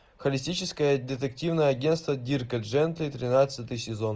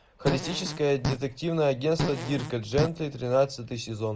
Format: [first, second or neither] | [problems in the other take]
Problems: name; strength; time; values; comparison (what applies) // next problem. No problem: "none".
first | background sound (Fart); 4 dB below the speech